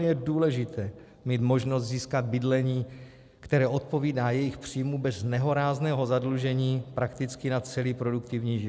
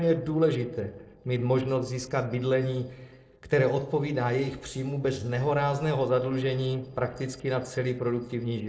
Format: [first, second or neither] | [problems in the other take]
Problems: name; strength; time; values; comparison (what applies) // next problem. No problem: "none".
first | noise reduction (neural separator model SepFormer DNS4)